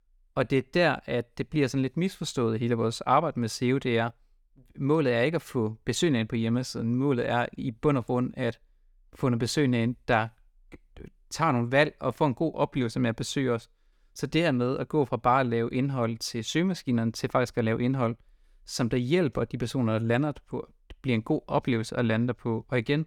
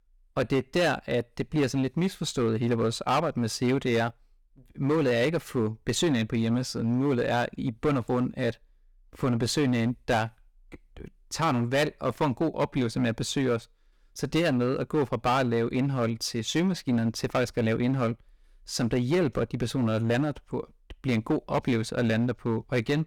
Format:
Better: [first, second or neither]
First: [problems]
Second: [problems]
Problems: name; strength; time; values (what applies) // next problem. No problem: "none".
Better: first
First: none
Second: distortion; slight; 7% of the sound clipped